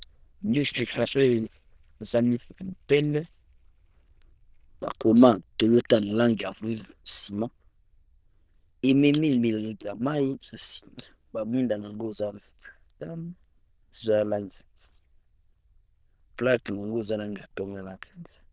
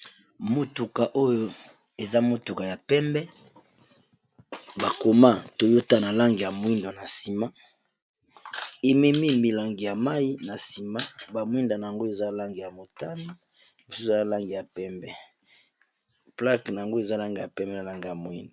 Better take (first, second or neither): second